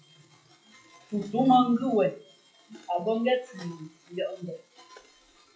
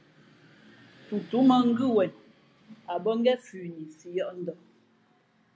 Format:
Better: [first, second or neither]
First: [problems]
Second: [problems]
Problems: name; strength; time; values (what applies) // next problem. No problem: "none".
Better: second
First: noise reduction (classical method WPE with log-MMSE)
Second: none